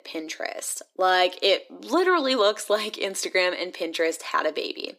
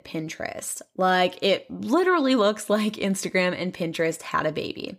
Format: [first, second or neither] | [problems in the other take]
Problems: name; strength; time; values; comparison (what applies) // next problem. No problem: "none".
second | thin; somewhat; fading below 300 Hz